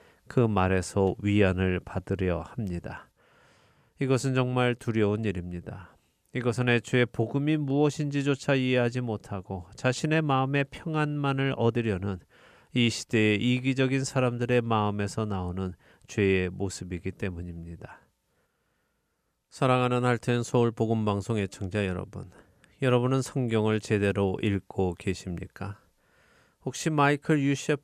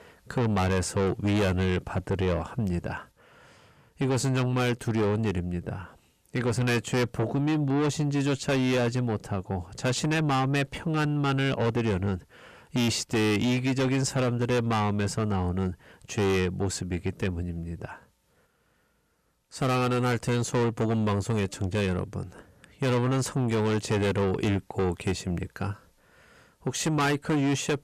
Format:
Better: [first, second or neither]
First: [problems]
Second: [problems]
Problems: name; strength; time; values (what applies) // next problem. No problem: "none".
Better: first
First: none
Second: distortion; heavy; 6 dB below the speech